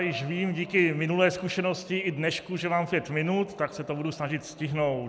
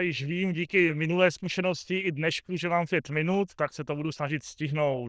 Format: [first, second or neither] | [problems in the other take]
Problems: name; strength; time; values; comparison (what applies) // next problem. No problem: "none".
first | noise reduction (neural diffusion model UNIVERSE++)